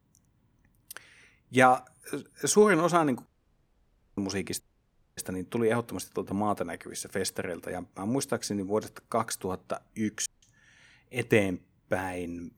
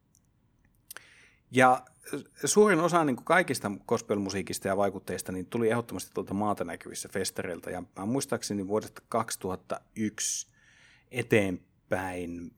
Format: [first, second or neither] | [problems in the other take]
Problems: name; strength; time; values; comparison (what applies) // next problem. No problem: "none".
second | audio cutting out; at 3.5 s for 1 s, at 4.5 s for 0.5 s and at 10 s